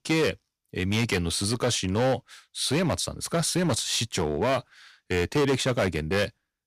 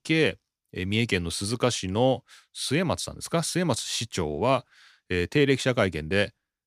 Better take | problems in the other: second | distortion; heavy; 8% of the sound clipped

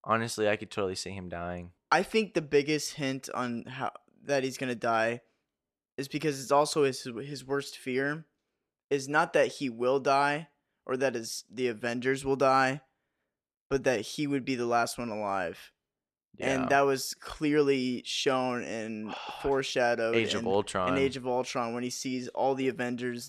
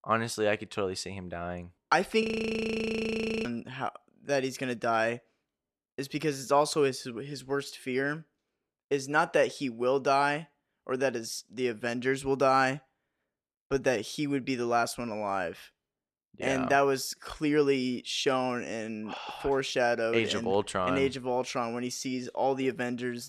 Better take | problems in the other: first | audio freezing; at 2 s for 1 s

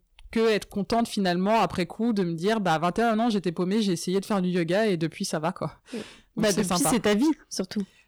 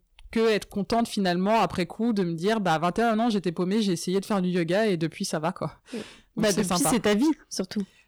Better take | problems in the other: neither | distortion; slight; 8% of the sound clipped; the same in both

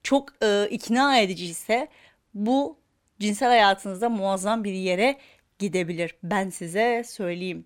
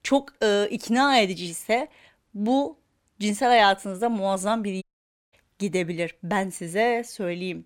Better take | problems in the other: first | audio cutting out; at 5 s for 0.5 s

